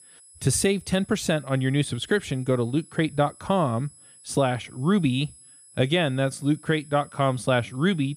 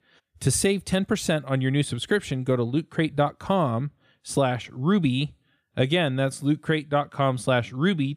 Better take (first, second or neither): second